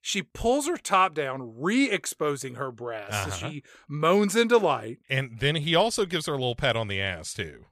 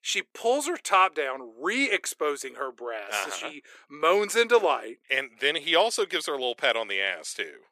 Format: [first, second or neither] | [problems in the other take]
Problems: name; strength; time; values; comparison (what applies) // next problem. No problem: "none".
first | thin; somewhat; fading below 350 Hz